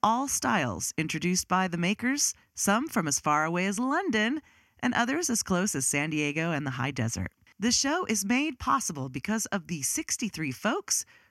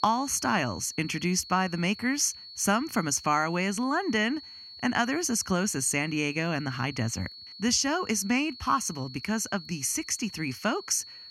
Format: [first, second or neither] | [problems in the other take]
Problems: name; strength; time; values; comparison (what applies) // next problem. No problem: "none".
first | high-pitched whine; noticeable; throughout; 4.5 kHz, 15 dB below the speech